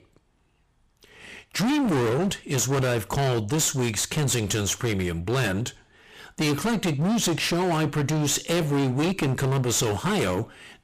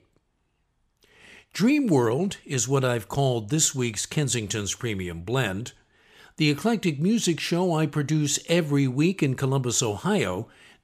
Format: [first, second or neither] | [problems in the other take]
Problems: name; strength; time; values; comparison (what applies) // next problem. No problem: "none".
second | distortion; heavy; 28% of the sound clipped